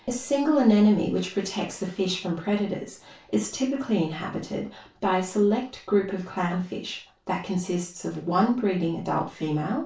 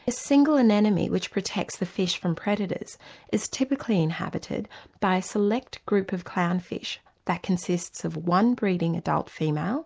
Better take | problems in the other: second | room echo; dies away in 0.3 s

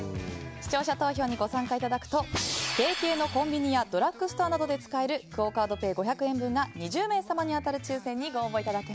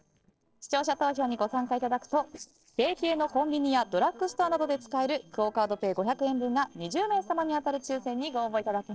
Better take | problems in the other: first | noise reduction (neural separator model SepFormer DNS4)

